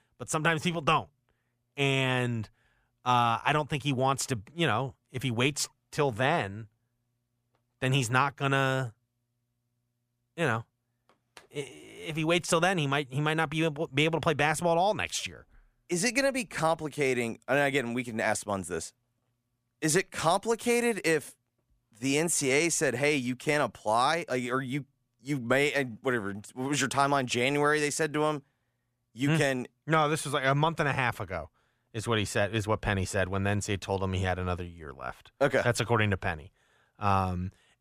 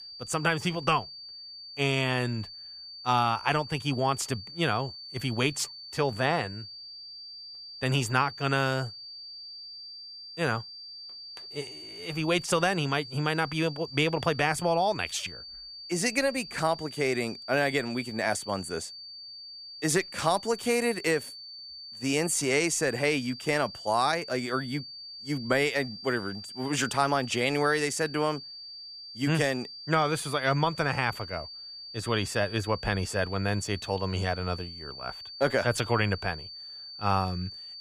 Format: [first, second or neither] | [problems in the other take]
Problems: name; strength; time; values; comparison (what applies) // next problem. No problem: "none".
first | high-pitched whine; noticeable; throughout; 4.5 kHz, 10 dB below the speech